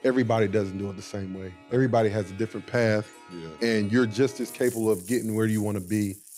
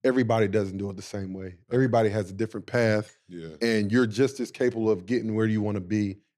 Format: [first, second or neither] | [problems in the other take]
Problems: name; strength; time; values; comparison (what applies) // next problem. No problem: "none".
second | background music; noticeable; throughout; 20 dB below the speech